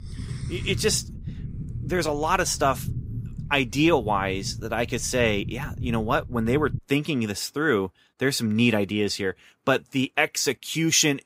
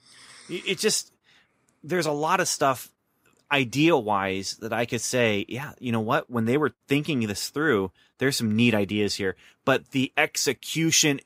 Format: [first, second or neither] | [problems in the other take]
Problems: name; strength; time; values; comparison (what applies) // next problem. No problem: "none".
second | low rumble; faint; until 7 s; 20 dB below the speech